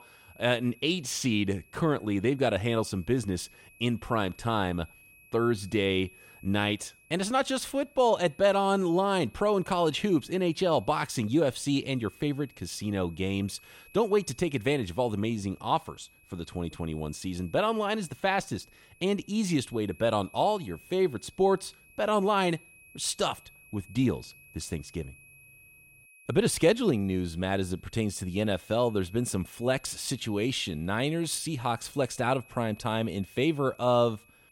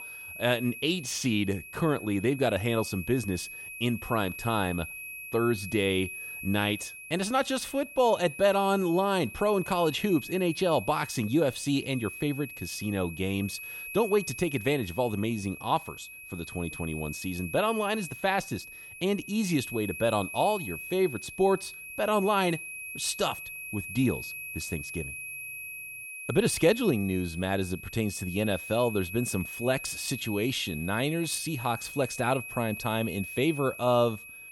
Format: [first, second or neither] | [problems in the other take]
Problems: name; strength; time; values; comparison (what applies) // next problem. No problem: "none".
first | high-pitched whine; loud; throughout; 2.5 kHz, 10 dB below the speech; faint in the first